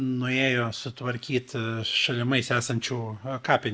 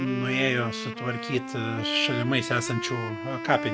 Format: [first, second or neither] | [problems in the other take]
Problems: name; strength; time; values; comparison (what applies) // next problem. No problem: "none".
first | background sound (Wind instrument, woodwind instrument); 6 dB below the speech